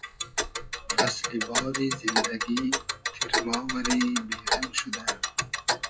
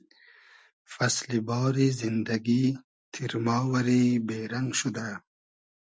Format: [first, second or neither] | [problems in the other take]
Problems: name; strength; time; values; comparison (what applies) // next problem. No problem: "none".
second | noise reduction (classical method WPE with log-MMSE)